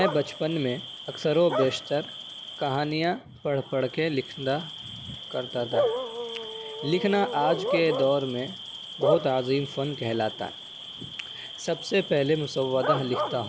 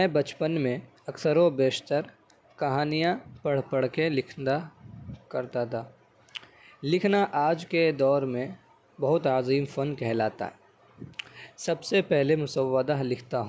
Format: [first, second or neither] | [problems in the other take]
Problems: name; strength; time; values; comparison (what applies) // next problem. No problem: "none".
second | background sound (Bark / Cricket); 6 dB below the speech